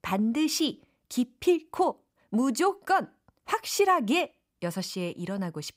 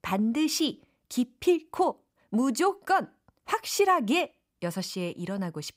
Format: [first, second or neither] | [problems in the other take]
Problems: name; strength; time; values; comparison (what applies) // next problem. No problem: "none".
neither | none